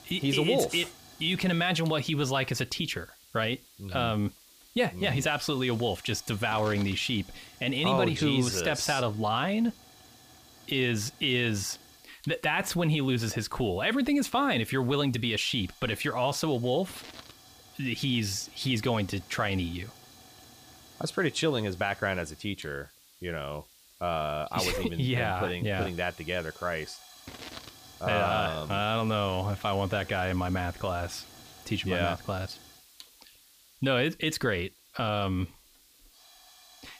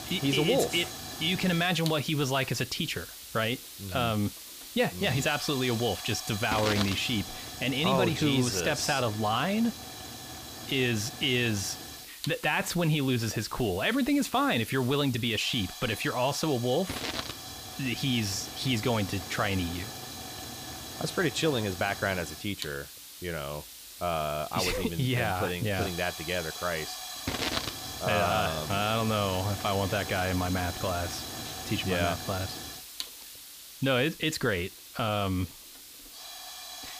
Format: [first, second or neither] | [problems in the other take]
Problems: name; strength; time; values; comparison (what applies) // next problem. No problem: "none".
first | hiss; loud; throughout; 9 dB below the speech; faint in the first